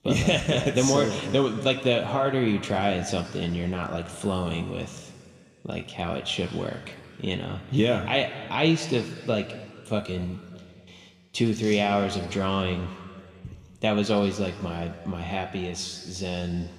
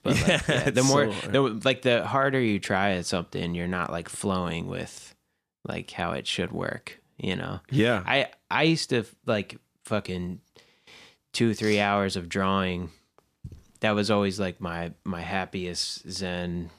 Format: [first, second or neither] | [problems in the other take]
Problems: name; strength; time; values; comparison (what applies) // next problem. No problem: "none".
second | room echo; slight; dies away in 2 s